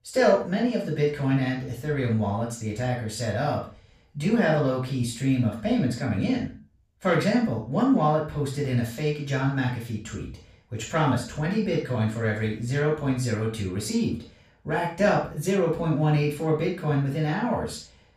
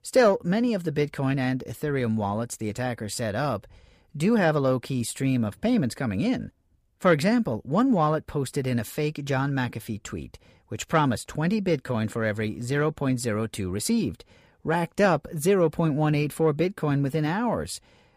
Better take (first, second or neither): second